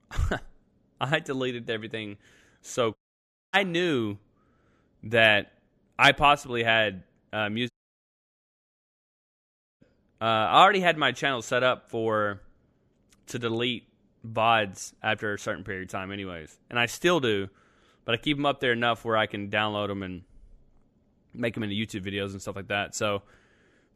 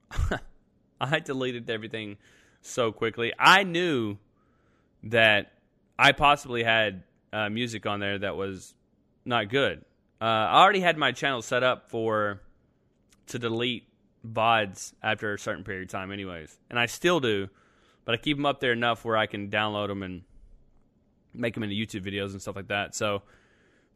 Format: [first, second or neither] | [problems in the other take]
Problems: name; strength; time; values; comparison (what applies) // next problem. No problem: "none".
second | audio cutting out; at 3 s for 0.5 s and at 7.5 s for 2 s